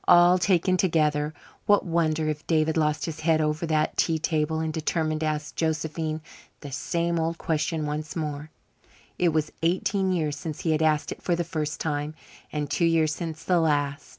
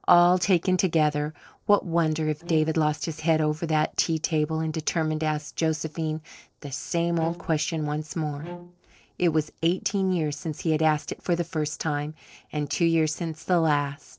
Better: first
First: none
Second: noise reduction (neural separator model SepFormer DNS4)

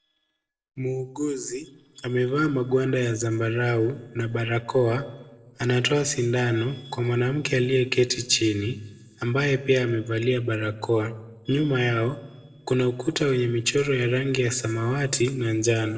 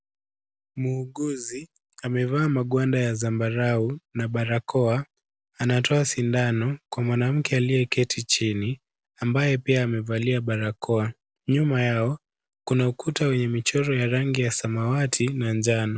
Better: second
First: noise reduction (neural separator model SepFormer DNS4)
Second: none

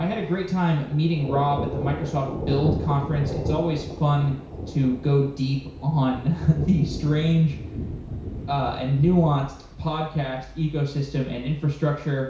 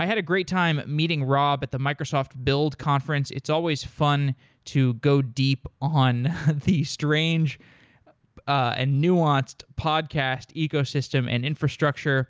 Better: second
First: background sound (Thunder); 9 dB below the speech // room echo; dies away in 0.6 s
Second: none

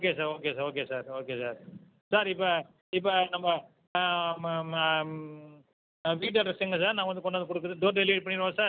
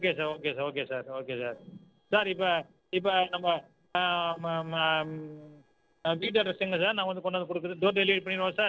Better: first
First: none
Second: noise reduction (neural separator model SepFormer DNS4)

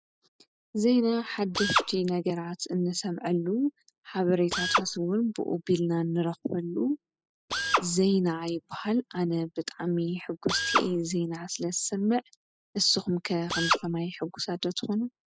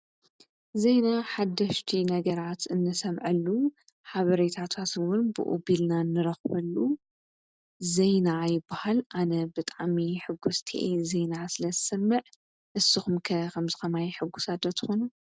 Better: second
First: noise reduction (classical method spectral subtraction)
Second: none

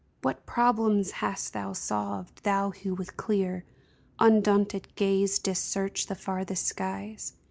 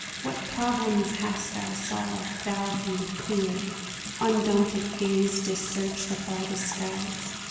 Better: first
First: none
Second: background sound (Bathtub (filling or washing) / Sink (filling or washing) / Water tap, faucet); 7 dB below the speech // room echo; dies away in 1.2 s

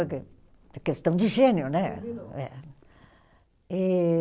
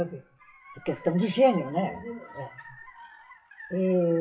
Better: first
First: none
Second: noise reduction (classical method WPE with log-MMSE)

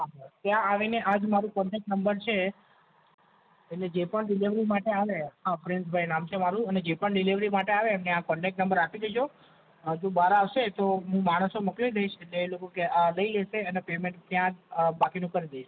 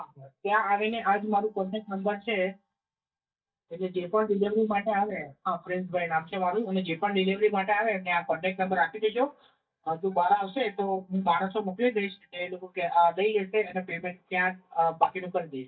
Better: first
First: none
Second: noise reduction (neural mask model DeepFilterNet 3)

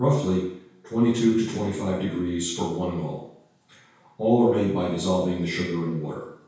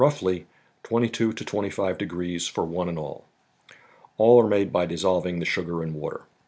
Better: second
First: room echo; dies away in 0.6 s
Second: none

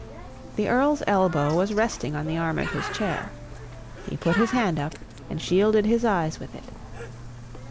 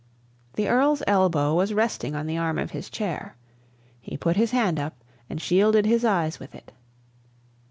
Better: second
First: background sound (Bird); 11 dB below the speech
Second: none

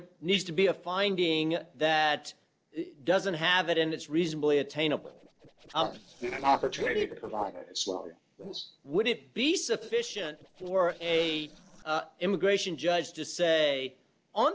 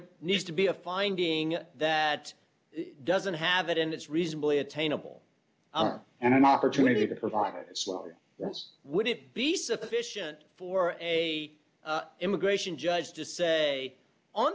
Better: second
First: noise reduction (neural separator model SepFormer DNS4)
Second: none

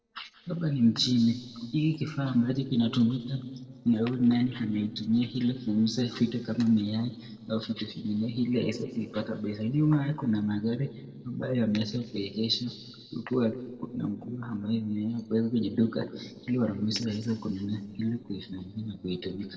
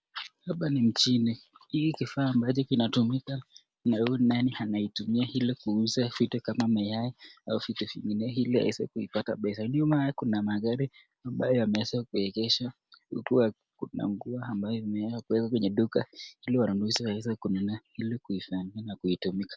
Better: second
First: noise reduction (neural separator model SepFormer DNS4)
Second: none

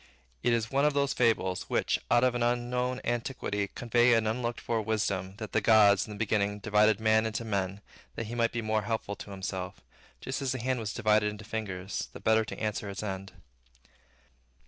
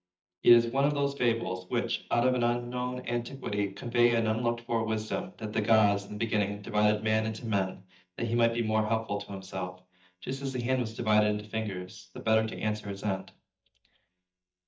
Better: first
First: none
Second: noise reduction (neural mask model DeepFilterNet 3)

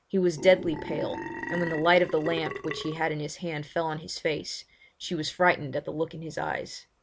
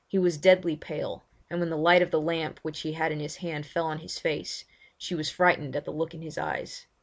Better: second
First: background sound (Burping, eructation); 8 dB below the speech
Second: none

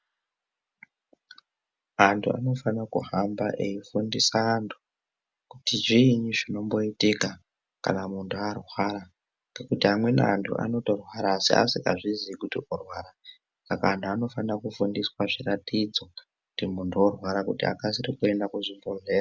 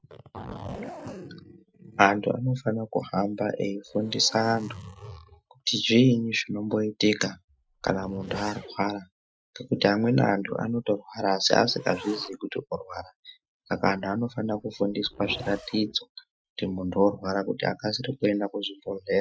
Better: first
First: none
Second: noise reduction (classical method Wiener filter)

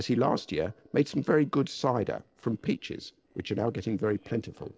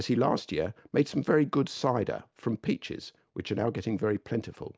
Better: second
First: noise reduction (neural separator model SepFormer DNS4)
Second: none

